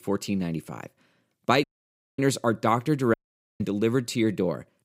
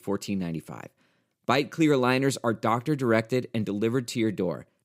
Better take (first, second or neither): second